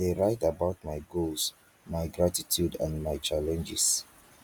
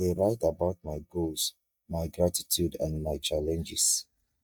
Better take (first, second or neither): first